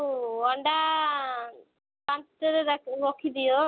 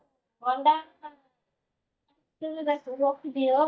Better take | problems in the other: first | noise reduction (neural mask model DeepFilterNet 3)

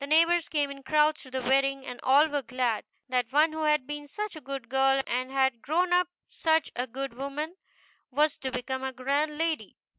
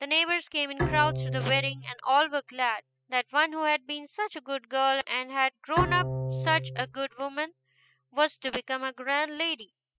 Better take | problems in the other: first | noise reduction (classical method spectral subtraction)

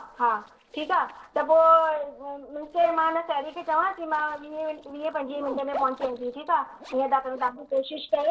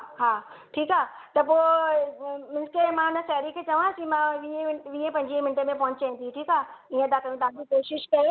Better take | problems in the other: second | noise reduction (neural separator model SepFormer DNS4)

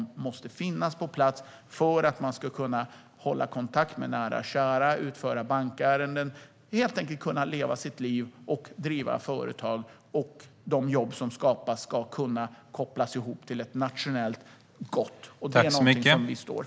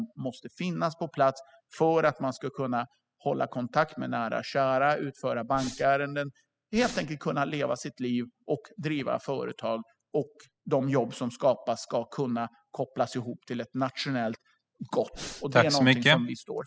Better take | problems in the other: first | noise reduction (classical method spectral subtraction)

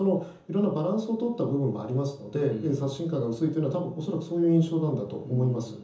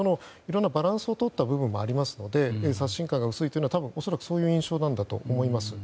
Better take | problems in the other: second | room echo; dies away in 0.6 s

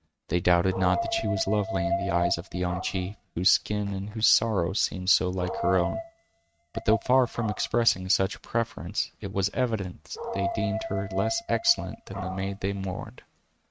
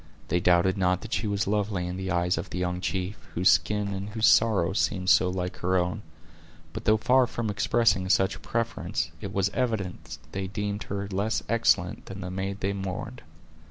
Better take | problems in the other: second | noise reduction (neural mask model RNNoise)

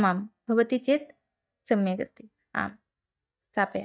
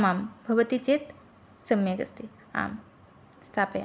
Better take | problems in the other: second | noise reduction (neural mask model DeepFilterNet 3)

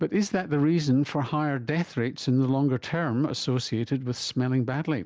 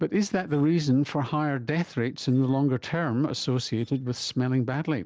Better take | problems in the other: first | noise reduction (neural separator model SepFormer DNS4)

